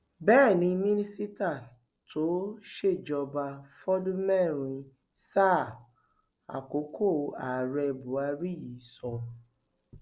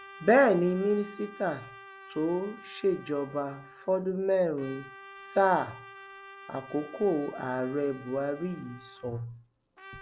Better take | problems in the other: first | background sound (Trumpet); 19 dB below the speech

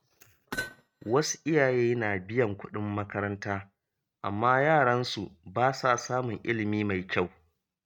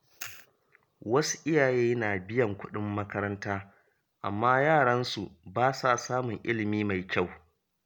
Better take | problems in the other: second | noise reduction (neural mask model RNNoise)

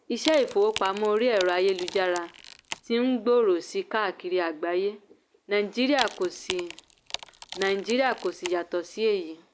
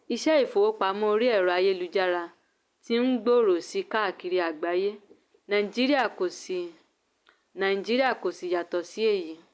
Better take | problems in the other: second | background sound (Wood); 13 dB below the speech

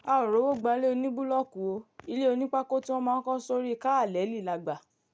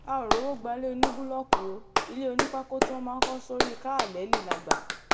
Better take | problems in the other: first | background sound (Clapping); 4 dB above the speech // room echo; dies away in 1.6 s

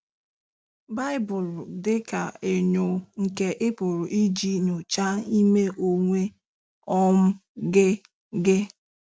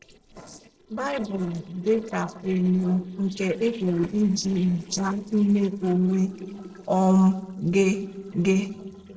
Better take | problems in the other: first | noise reduction (neural separator model SepFormer DNS4)

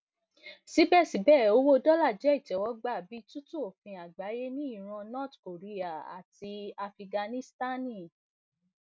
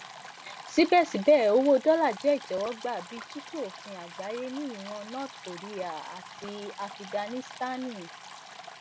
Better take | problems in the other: first | background sound (Stream); 16 dB below the speech

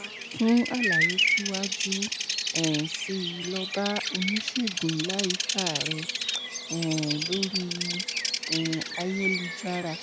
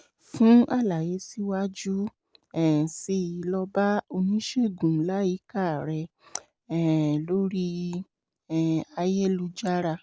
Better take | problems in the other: second | background sound (Bird vocalization, bird call, bird song); 1 dB above the speech

